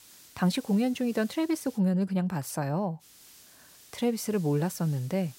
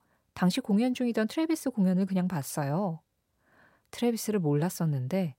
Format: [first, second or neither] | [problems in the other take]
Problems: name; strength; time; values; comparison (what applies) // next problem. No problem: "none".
second | hiss; faint; until 2 s and from 3 s on; 25 dB below the speech